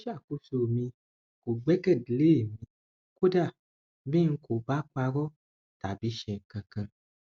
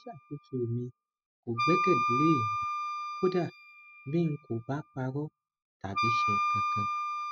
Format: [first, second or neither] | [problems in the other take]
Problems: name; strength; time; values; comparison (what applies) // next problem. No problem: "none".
first | noise reduction (classical method spectral subtraction)